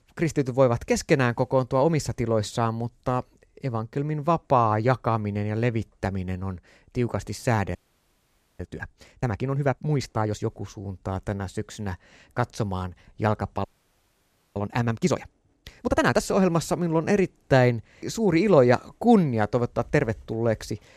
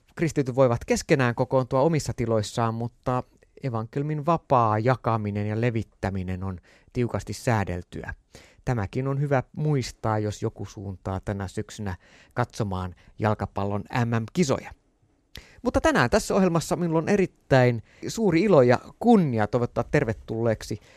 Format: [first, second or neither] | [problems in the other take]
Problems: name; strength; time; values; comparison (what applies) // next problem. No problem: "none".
second | audio freezing; at 8 s for 1 s and at 14 s for 1 s